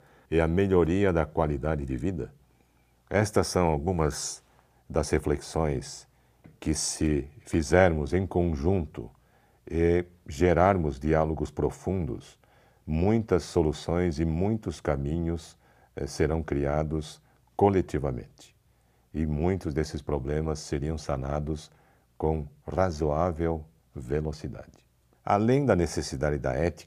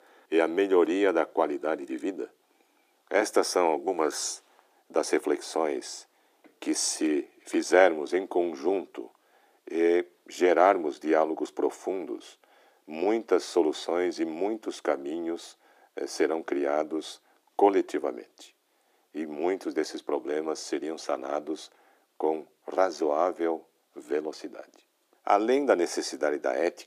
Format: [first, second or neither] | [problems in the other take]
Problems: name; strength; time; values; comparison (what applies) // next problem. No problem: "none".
first | thin; somewhat; fading below 300 Hz